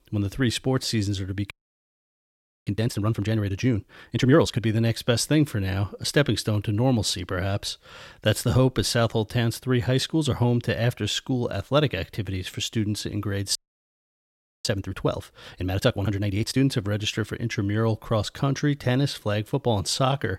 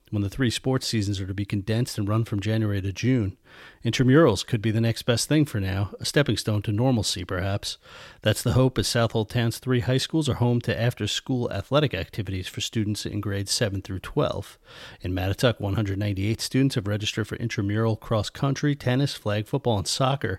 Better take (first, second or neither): second